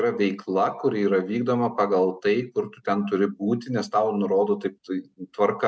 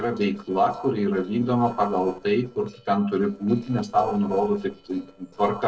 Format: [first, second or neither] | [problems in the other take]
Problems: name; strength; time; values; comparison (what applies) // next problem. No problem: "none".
first | noise reduction (neural separator model SepFormer DNS4)